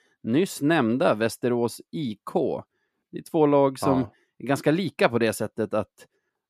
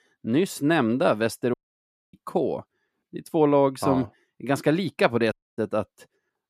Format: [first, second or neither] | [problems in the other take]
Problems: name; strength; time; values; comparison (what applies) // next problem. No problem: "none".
first | audio cutting out; at 1.5 s for 0.5 s and at 5.5 s